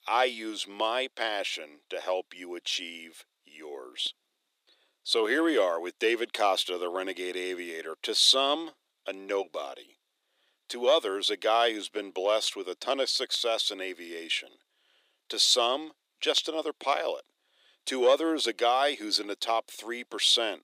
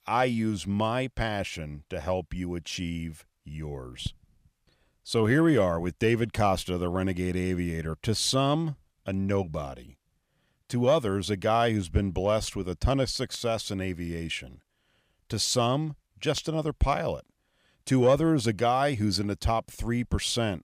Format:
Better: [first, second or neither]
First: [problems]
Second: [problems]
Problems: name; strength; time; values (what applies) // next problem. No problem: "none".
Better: second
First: thin; very; fading below 350 Hz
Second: none